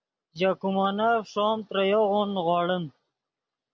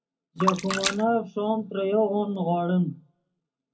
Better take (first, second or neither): first